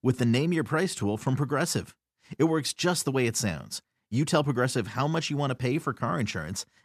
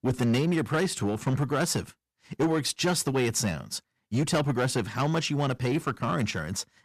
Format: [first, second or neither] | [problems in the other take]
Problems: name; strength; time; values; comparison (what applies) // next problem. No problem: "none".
first | distortion; slight; 8% of the sound clipped